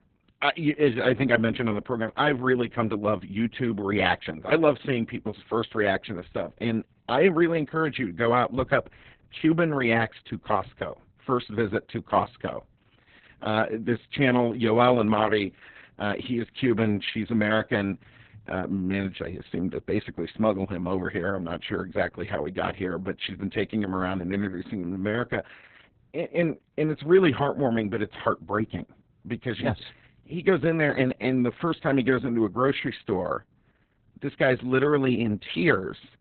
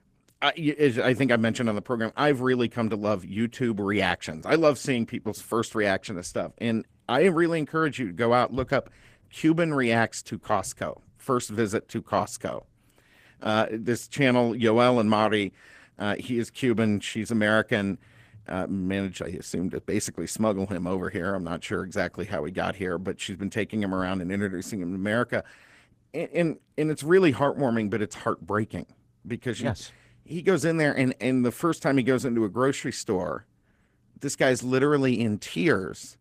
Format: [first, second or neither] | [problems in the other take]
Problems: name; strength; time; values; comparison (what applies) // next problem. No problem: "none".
second | garbled, watery; badly; nothing above 4 kHz; slightly in the second